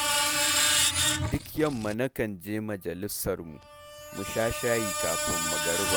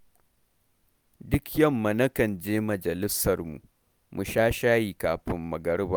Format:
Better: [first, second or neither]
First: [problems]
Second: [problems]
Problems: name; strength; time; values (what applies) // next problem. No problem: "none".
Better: second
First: background sound (Screech); 3 dB above the speech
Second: none